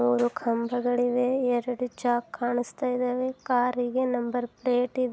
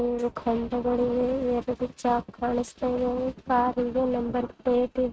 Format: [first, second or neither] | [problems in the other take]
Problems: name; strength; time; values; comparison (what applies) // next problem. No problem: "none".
first | noise reduction (neural mask model RNNoise)